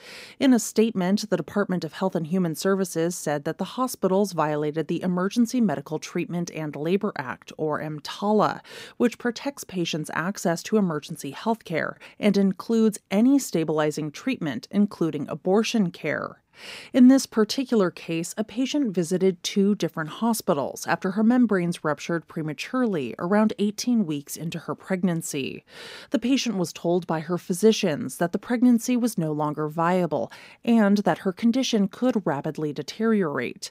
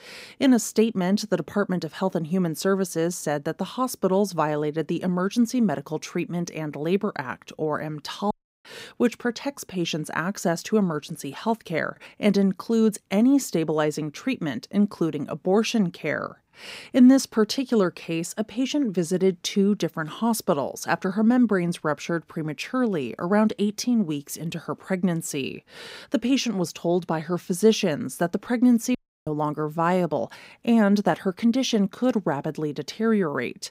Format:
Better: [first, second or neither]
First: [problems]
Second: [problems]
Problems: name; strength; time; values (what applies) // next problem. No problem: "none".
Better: first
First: none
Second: audio cutting out; at 8.5 s and at 29 s